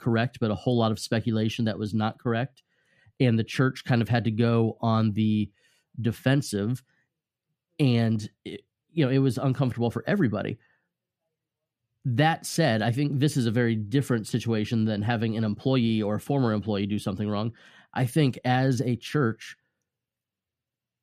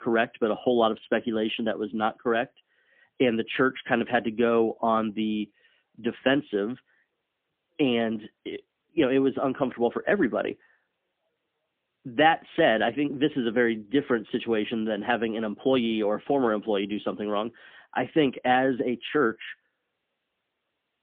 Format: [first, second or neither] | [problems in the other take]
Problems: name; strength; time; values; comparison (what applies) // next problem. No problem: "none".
first | phone-call audio; poor line; nothing above 3.5 kHz